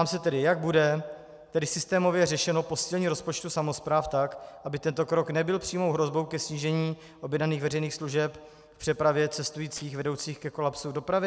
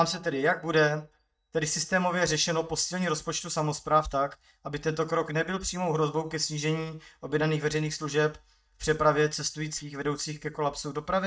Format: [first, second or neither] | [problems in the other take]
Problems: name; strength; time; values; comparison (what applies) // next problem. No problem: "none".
first | noise reduction (neural mask model DeepFilterNet 3)